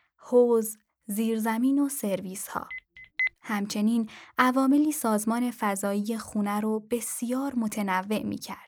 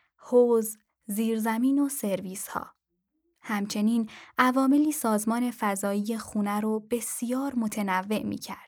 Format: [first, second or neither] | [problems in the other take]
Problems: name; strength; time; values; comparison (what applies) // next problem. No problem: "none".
second | phone ringing; noticeable; at 2.5 s; peak 1 dB below the speech